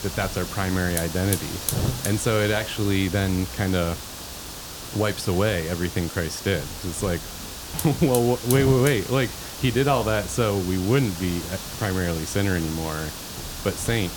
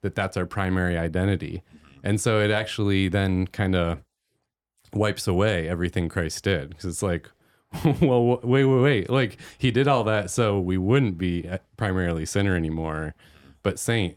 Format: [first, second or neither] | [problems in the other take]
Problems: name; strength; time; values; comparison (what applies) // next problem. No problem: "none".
second | hiss; loud; throughout; 7 dB below the speech